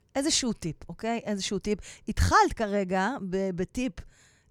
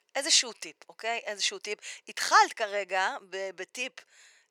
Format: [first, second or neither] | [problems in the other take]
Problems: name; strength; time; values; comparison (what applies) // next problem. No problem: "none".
first | thin; very; fading below 550 Hz